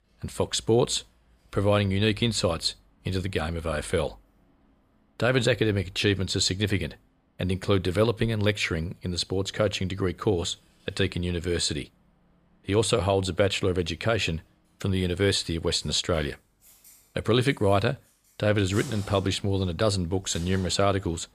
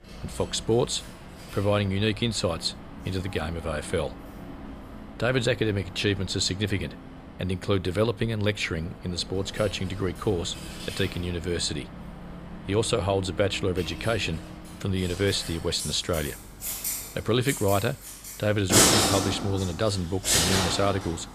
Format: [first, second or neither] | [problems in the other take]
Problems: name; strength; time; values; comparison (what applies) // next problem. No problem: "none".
first | household noises; loud; throughout; 2 dB below the speech; faint in the first